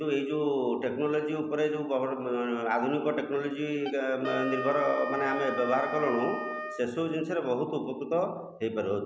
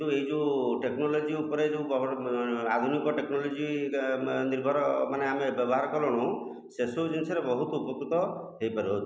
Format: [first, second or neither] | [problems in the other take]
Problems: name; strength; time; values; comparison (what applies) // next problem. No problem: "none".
second | background sound (Wind instrument, woodwind instrument); 11 dB below the speech